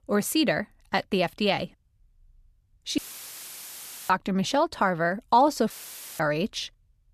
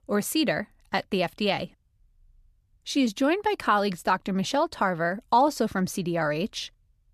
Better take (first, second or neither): second